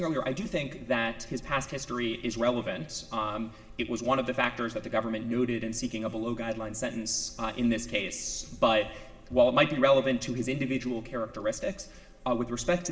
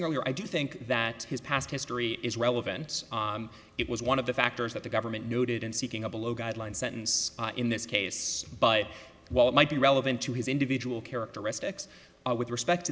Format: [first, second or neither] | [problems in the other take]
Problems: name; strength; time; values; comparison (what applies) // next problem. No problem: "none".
second | background sound (Gull, seagull); 19 dB below the speech // room echo; dies away in 1.5 s